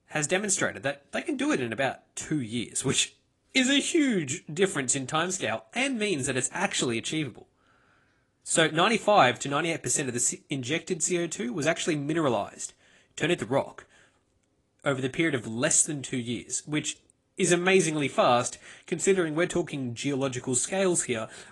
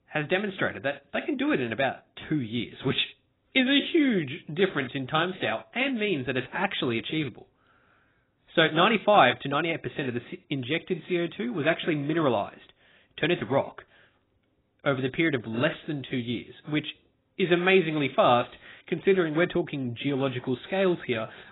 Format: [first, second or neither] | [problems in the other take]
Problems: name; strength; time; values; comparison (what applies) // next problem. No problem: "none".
first | garbled, watery; badly; nothing above 4 kHz; slightly in the first